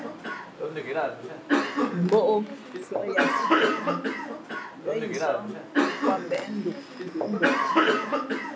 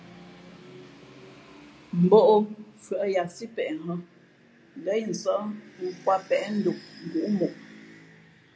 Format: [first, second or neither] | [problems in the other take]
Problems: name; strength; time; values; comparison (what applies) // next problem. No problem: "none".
second | background sound (Cough); 4 dB above the speech